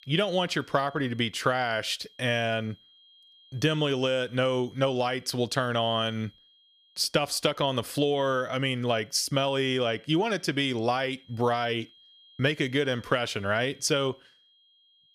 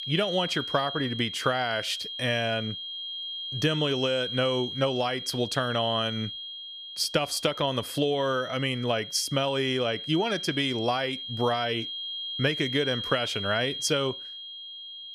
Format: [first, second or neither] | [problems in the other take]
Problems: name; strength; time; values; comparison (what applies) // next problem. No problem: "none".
first | high-pitched whine; loud; throughout; 3 kHz, 6 dB below the speech; faint in the first